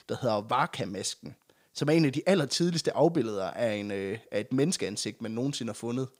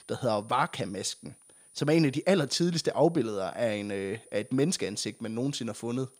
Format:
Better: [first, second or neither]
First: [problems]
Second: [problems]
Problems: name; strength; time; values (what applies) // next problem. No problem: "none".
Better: first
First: none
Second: high-pitched whine; faint; throughout; 9.5 kHz, 25 dB below the speech